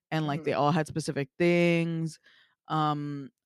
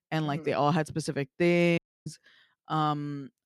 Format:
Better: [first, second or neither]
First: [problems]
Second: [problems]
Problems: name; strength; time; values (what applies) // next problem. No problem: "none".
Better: first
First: none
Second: audio cutting out; at 2 s